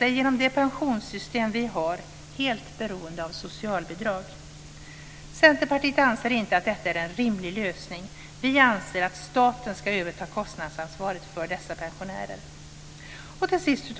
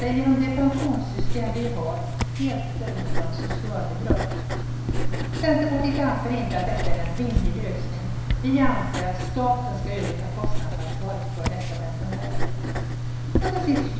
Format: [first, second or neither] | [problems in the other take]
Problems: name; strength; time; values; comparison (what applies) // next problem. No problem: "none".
first | background sound (Writing); 2 dB above the speech // room echo; dies away in 1 s